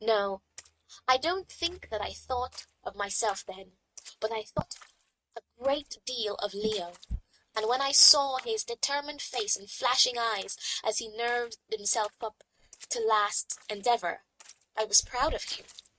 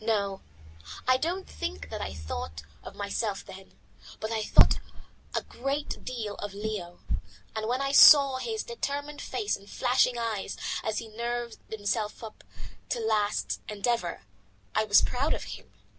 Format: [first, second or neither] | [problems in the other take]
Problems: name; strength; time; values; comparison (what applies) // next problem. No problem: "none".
second | noise reduction (neural mask model RNNoise)